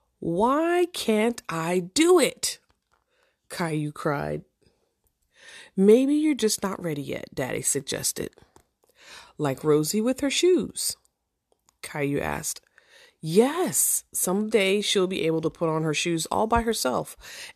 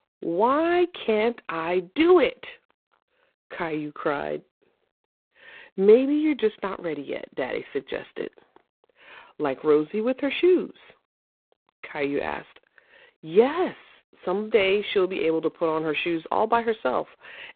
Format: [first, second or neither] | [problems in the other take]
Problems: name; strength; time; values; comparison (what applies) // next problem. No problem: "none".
first | phone-call audio; poor line; nothing above 3.5 kHz